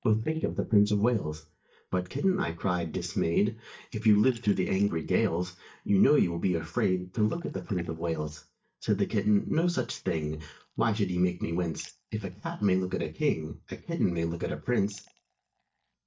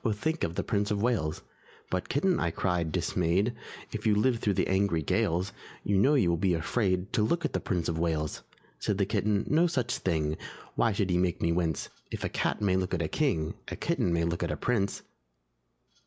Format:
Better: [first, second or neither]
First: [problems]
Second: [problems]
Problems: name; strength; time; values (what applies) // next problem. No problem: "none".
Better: second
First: noise reduction (neural mask model DeepFilterNet 3)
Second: none